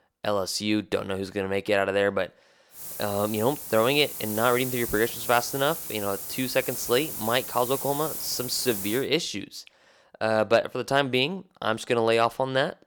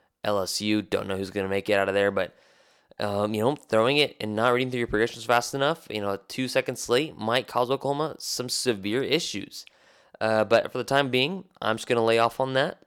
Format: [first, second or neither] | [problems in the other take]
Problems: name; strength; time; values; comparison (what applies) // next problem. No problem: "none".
second | hiss; loud; from 3 to 9 s; 6 dB below the speech